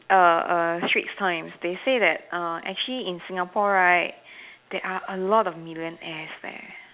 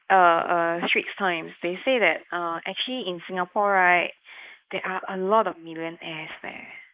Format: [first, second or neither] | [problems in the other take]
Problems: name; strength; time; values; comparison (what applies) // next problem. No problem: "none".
first | noise reduction (neural mask model Resemble Enhance denoiser)